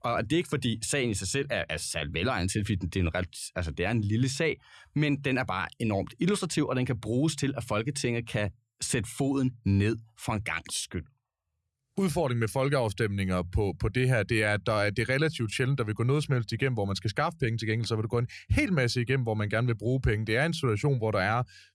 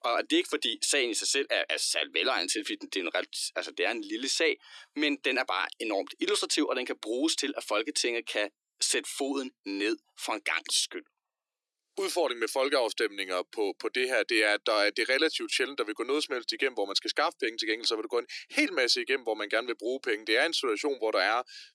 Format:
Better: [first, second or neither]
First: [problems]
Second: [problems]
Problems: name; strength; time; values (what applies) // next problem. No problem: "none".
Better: first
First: none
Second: thin; somewhat; fading below 300 Hz